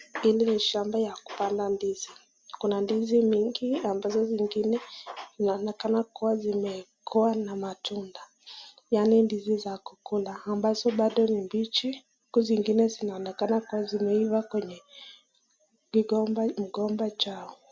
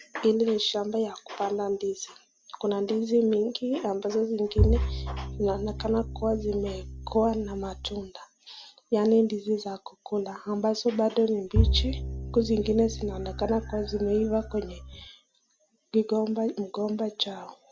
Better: first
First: none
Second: background sound (Bowed string instrument); 2 dB below the speech

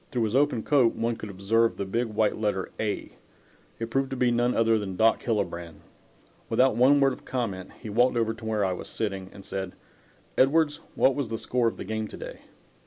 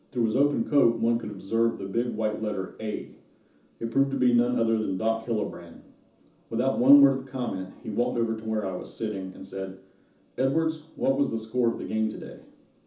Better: first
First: none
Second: room echo; dies away in 0.9 s

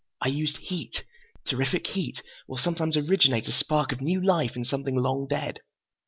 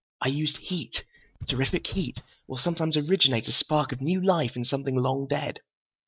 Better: first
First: none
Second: noise reduction (neural mask model RNNoise)

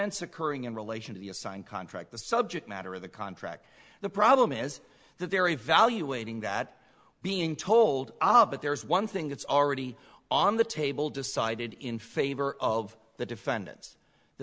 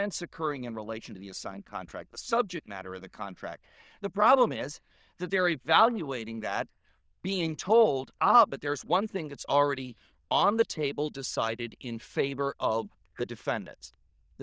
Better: first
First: none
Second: noise reduction (neural diffusion model UNIVERSE++)

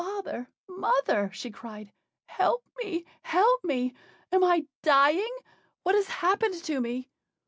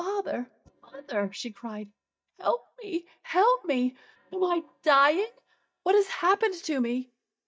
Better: first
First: none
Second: noise reduction (neural mask model DeepFilterNet 3)

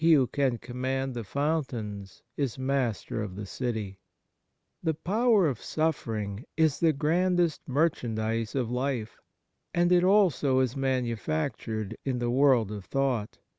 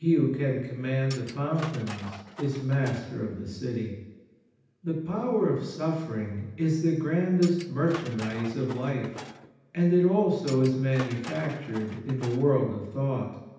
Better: first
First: none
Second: background sound (Tools); 16 dB below the speech // room echo; dies away in 0.9 s

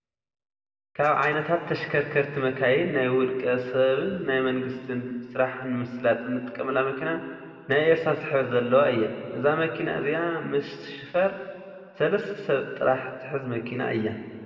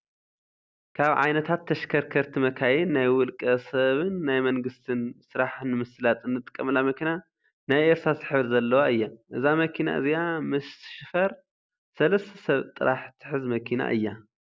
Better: second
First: room echo; dies away in 2.1 s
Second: none

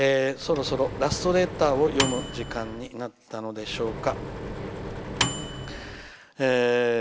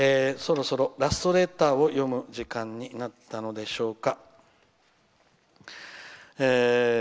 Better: second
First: background sound (Microwave oven); 6 dB below the speech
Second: none

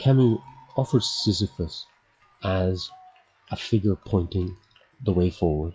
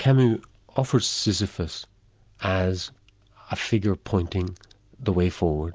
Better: second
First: noise reduction (classical method WPE with log-MMSE)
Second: none

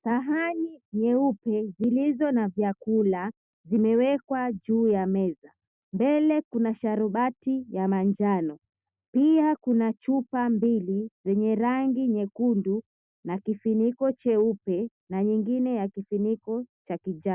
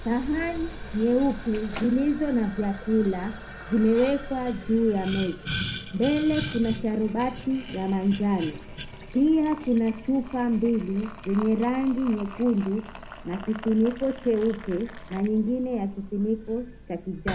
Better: first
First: none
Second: background sound (Boiling); 12 dB below the speech // room echo; dies away in 0.4 s

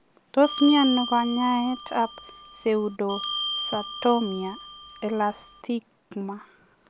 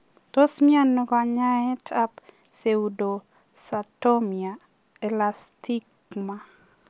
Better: second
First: background sound (Bell); 8 dB below the speech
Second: none

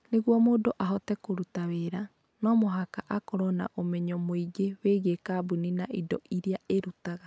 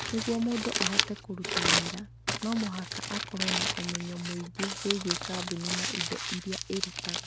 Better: first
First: none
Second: background sound (Crumpling, crinkling); 2 dB above the speech

